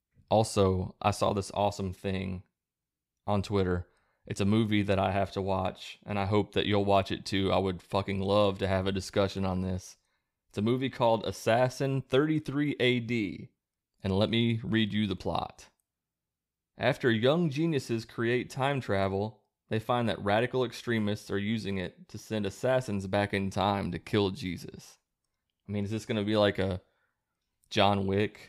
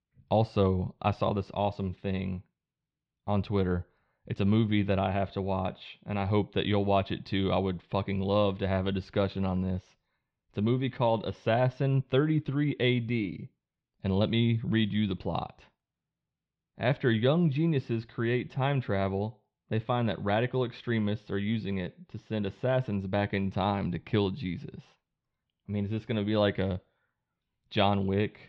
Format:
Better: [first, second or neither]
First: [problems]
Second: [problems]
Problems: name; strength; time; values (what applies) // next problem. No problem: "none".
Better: first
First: none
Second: muffled; slightly; fading above 3.5 kHz